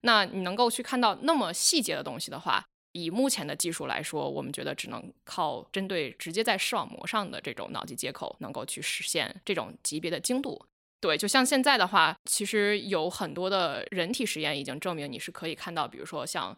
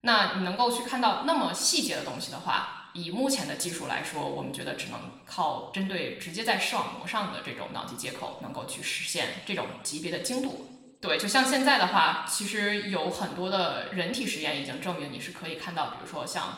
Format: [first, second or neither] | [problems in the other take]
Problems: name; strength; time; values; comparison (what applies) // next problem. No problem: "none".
first | room echo; slight; dies away in 0.9 s // off-mic speech; somewhat distant